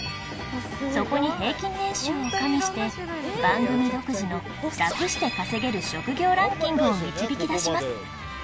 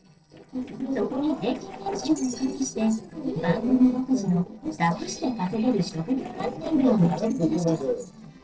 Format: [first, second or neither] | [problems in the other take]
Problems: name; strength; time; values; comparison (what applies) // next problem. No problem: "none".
first | noise reduction (neural separator model SepFormer DNS4)